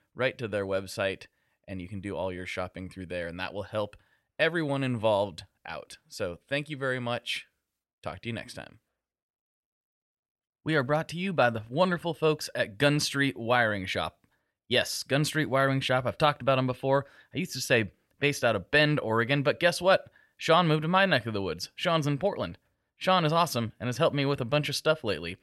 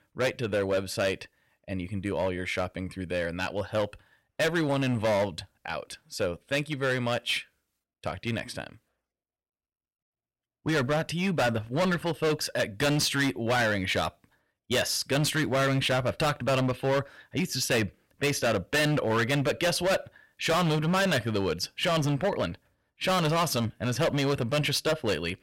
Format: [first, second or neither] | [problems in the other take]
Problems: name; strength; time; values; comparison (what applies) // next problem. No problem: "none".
first | distortion; heavy; 13% of the sound clipped